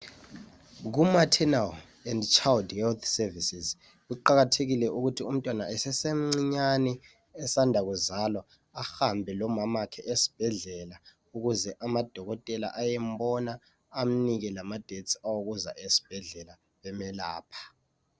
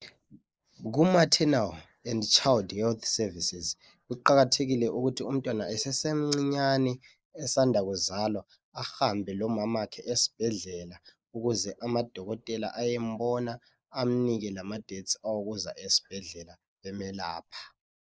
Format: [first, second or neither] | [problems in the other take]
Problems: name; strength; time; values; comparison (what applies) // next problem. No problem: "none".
first | noise reduction (neural mask model Resemble Enhance denoiser)